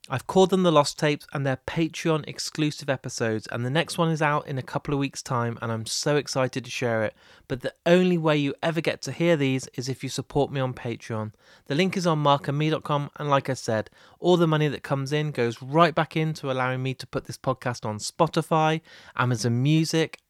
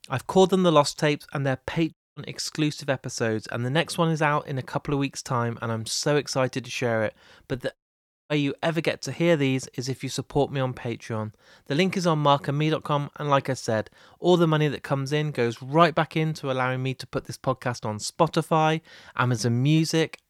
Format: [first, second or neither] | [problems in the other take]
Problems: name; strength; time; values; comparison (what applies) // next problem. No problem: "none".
first | audio cutting out; at 2 s and at 8 s for 0.5 s